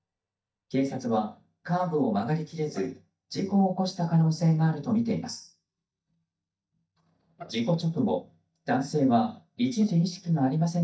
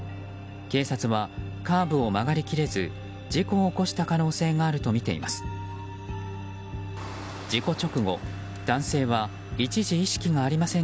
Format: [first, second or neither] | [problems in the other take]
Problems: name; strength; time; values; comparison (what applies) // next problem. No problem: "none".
second | noise reduction (neural mask model DeepFilterNet 3)